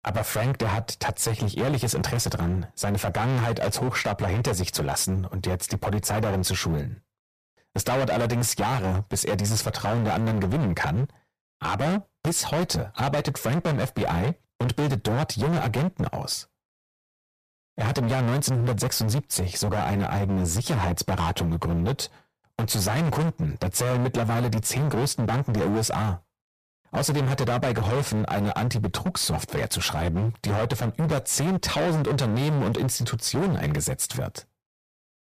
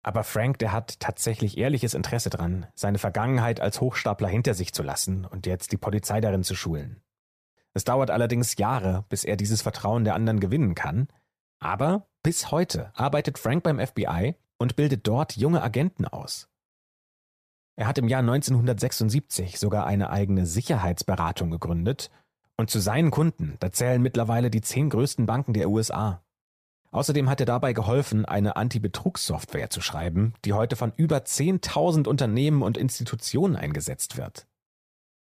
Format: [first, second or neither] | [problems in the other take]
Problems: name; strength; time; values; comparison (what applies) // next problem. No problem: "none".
second | distortion; heavy; 26% of the sound clipped